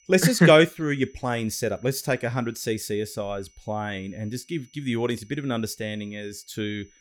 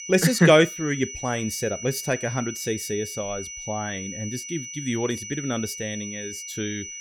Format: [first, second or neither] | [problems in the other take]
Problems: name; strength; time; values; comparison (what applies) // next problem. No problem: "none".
first | high-pitched whine; loud; throughout; 6 kHz, 9 dB below the speech; faint in the first